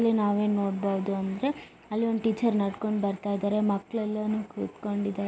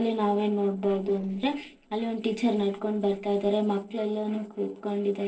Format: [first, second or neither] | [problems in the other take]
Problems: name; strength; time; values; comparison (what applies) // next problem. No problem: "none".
first | noise reduction (neural separator model SepFormer DNS4)